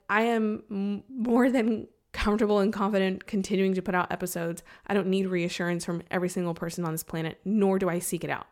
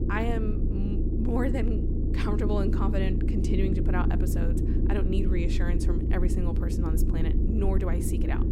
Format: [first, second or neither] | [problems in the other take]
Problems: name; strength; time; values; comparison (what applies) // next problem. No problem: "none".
first | low rumble; loud; throughout; 1 dB below the speech